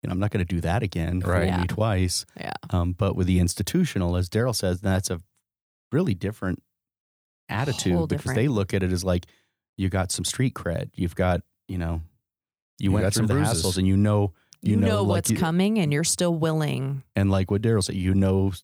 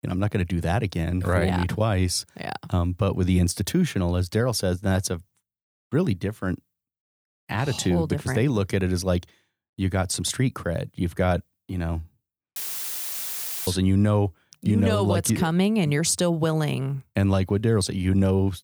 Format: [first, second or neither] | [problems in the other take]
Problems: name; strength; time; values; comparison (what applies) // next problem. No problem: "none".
first | audio cutting out; filled with static; at 13 s for 1 s